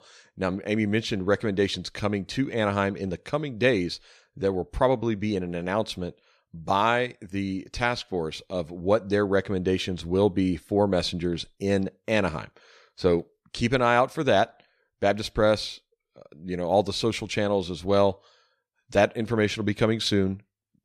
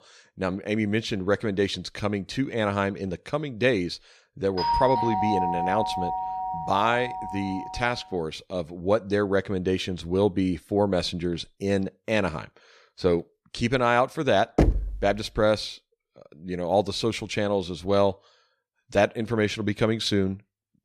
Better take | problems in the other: first | doorbell; loud; from 4.5 to 8 s; peak 2 dB above the speech // door banging; loud; at 15 s; peak 3 dB above the speech

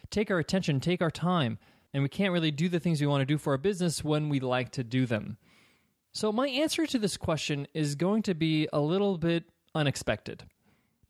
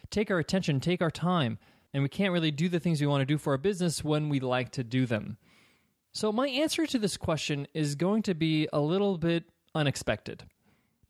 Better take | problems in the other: neither | none

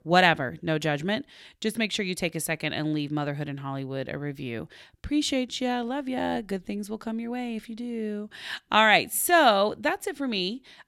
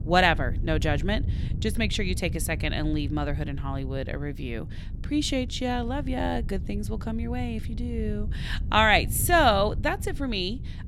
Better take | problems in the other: first | wind noise on the microphone; occasional gusts; 20 dB below the speech

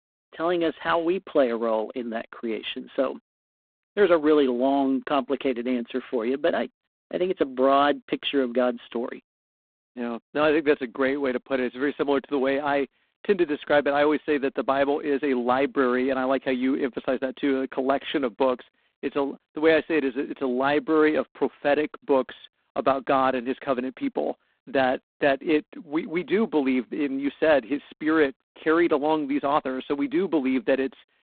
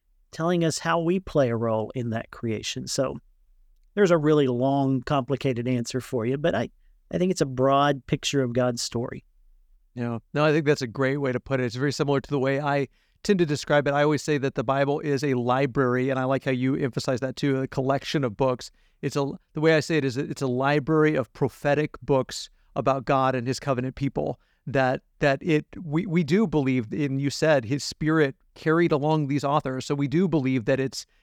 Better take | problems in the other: second | phone-call audio; poor line; nothing above 3.5 kHz

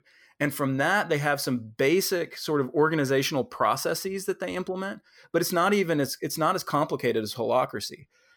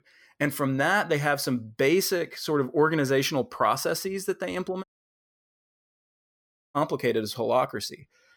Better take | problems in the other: first | audio cutting out; at 5 s for 2 s

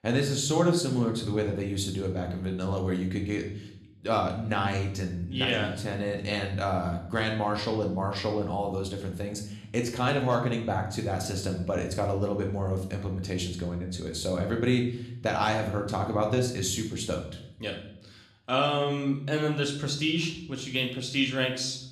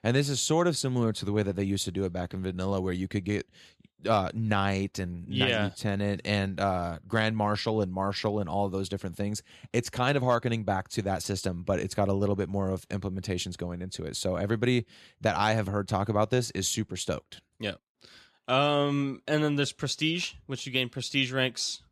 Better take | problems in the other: second | room echo; slight; dies away in 0.7 s // off-mic speech; somewhat distant

